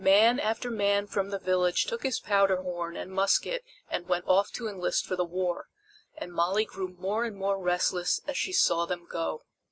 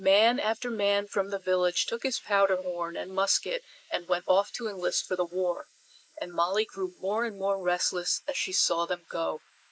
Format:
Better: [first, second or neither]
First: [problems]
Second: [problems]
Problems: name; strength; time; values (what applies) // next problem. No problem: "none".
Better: first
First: none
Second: noise reduction (neural mask model Resemble Enhance denoiser)